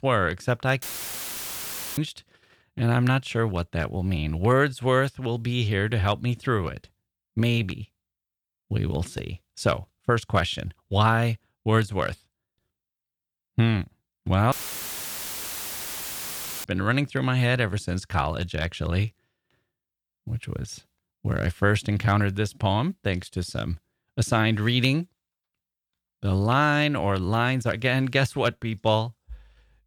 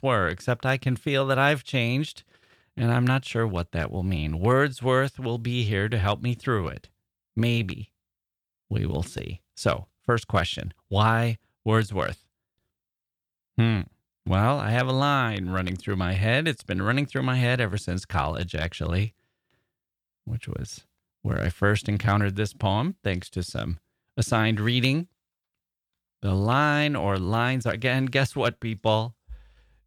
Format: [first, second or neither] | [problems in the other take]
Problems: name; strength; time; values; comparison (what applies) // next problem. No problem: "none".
second | audio cutting out; filled with static; at 1 s for 1 s and at 15 s for 2 s